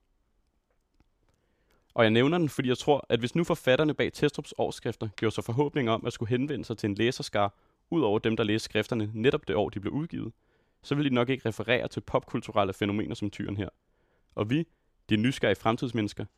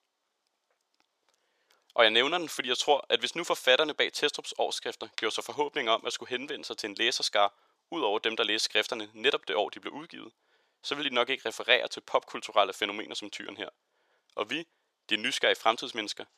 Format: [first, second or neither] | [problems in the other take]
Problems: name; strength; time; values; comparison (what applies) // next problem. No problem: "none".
first | thin; very; fading below 650 Hz